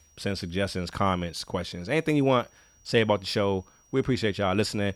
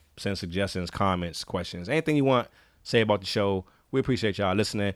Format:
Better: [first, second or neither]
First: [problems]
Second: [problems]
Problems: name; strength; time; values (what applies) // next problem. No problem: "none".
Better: second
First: high-pitched whine; faint; throughout; 5.5 kHz, 30 dB below the speech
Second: none